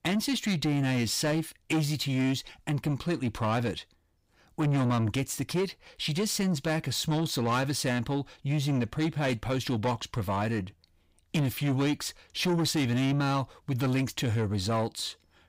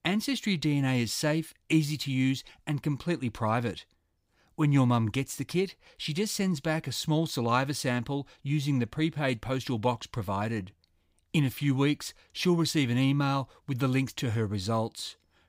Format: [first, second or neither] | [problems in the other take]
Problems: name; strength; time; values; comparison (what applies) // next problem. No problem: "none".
second | distortion; slight; 10 dB below the speech